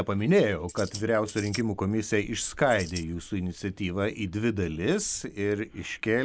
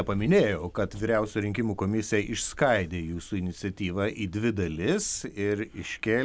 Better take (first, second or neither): second